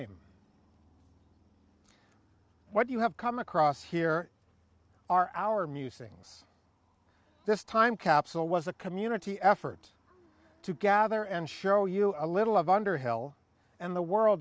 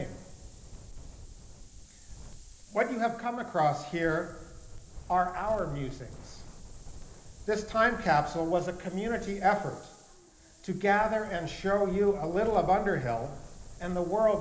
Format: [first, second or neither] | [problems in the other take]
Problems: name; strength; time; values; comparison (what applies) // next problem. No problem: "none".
first | background sound (Wind); 15 dB below the speech // room echo; dies away in 0.8 s